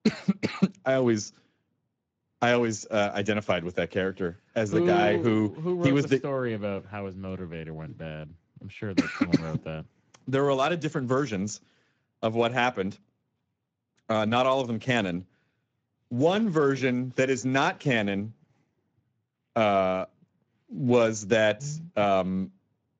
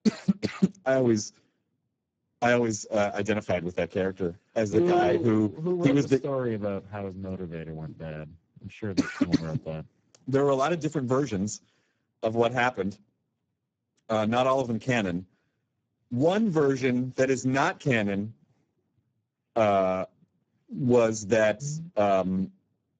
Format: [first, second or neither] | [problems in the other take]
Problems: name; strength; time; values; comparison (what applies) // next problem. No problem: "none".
first | garbled, watery; badly; nothing above 7.5 kHz; slightly in the first